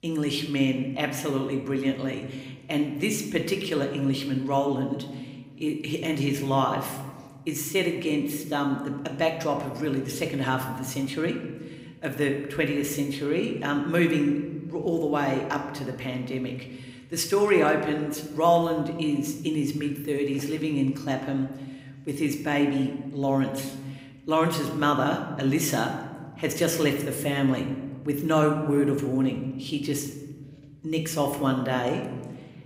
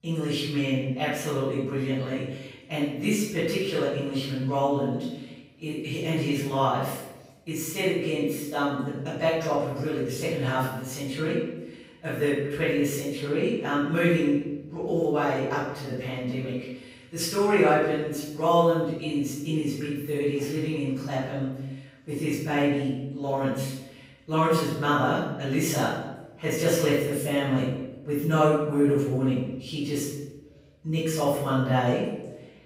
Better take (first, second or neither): first